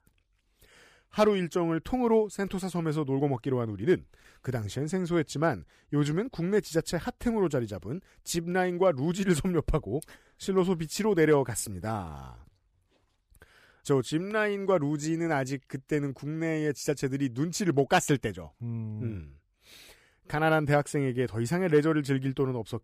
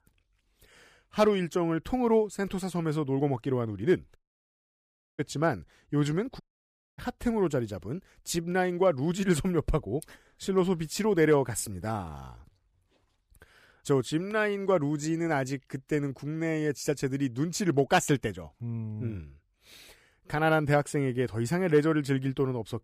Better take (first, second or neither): first